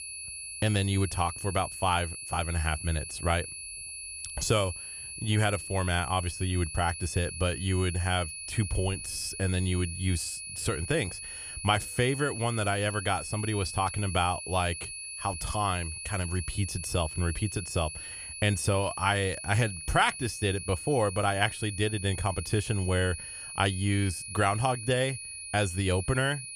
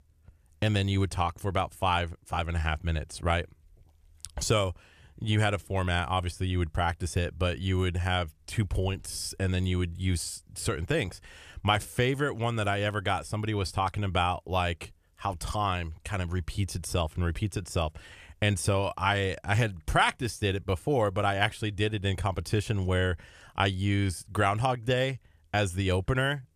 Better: second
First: high-pitched whine; loud; throughout; 10.5 kHz, 8 dB below the speech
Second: none

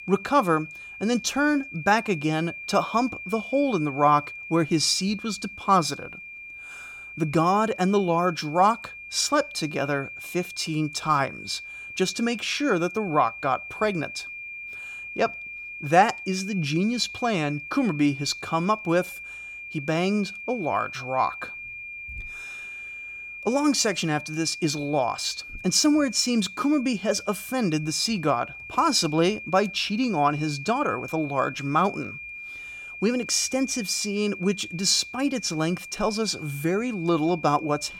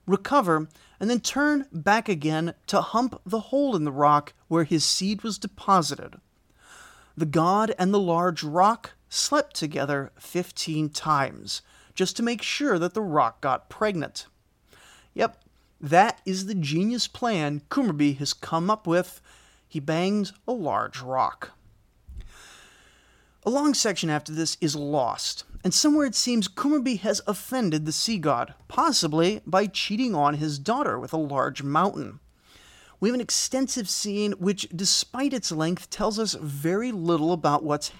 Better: second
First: high-pitched whine; noticeable; throughout; 2.5 kHz, 10 dB below the speech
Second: none

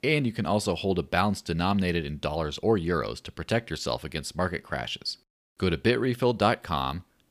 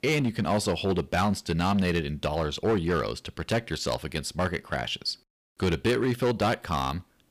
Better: first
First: none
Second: distortion; slight; 7% of the sound clipped

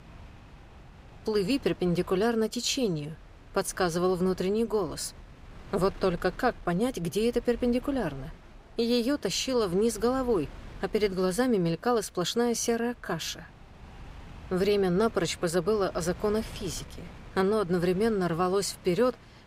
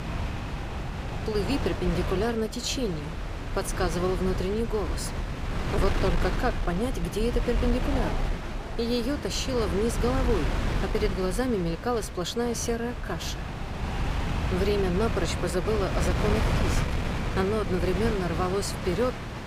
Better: first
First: wind noise on the microphone; occasional gusts; 25 dB below the speech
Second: wind noise on the microphone; heavy; 4 dB below the speech

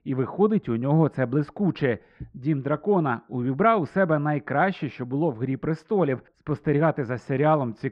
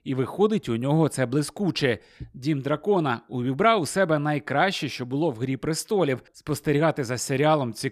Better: second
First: muffled; very; fading above 1.5 kHz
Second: none

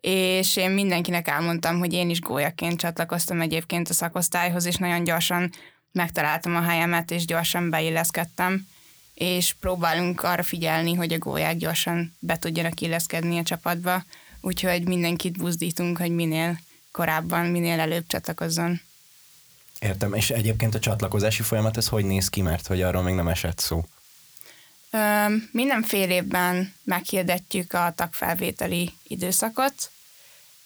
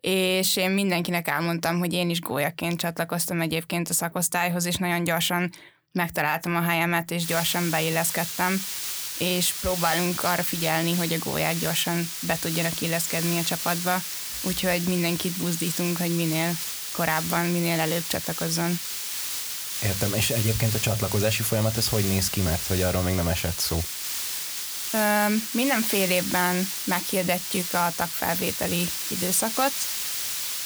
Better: first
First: hiss; faint; from 7 s on; 25 dB below the speech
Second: hiss; loud; from 7 s on; 3 dB below the speech

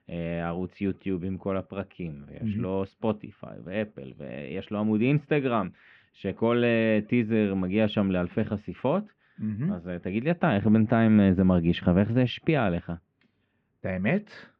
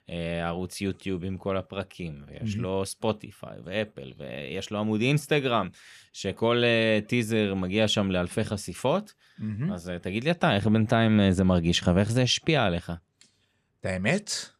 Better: second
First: muffled; very; fading above 2.5 kHz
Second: none

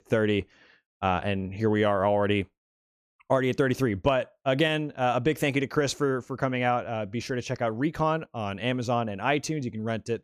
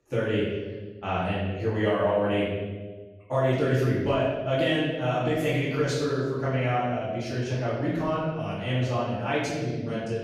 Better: first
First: none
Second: off-mic speech; far // room echo; strong; dies away in 1.2 s

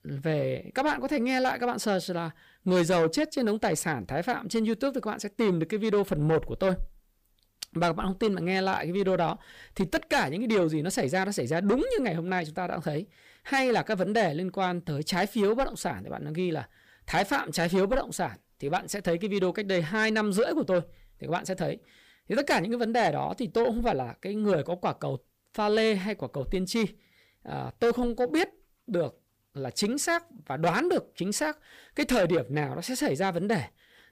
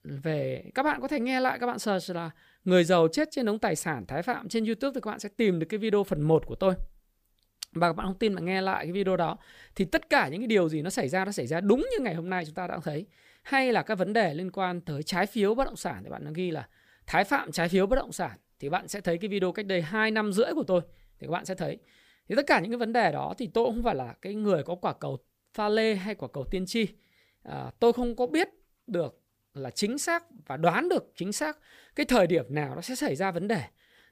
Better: second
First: distortion; slight; 10 dB below the speech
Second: none

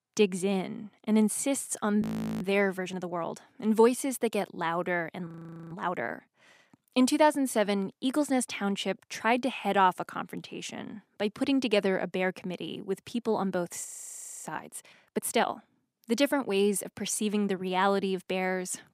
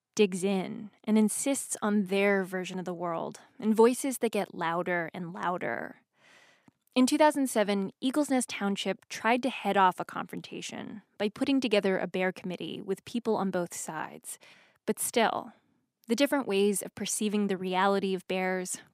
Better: second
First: audio freezing; at 2 s, at 5.5 s and at 14 s for 0.5 s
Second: none

